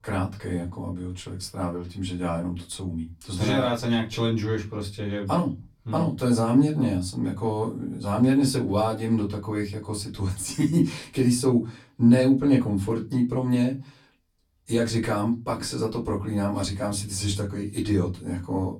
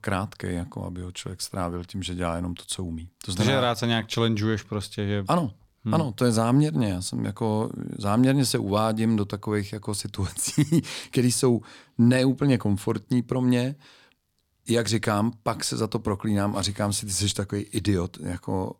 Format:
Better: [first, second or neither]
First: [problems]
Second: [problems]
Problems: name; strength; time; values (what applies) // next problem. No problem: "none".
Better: second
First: off-mic speech; far // room echo; very slight; dies away in 0.2 s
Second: none